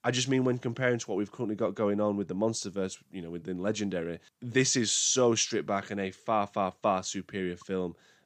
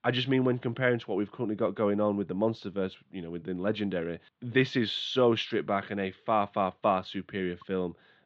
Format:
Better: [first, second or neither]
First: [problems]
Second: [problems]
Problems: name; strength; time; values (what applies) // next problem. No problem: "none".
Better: first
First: none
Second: muffled; very; fading above 3.5 kHz